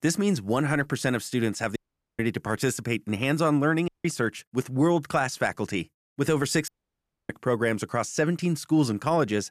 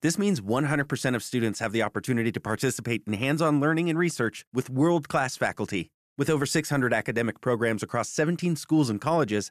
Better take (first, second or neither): second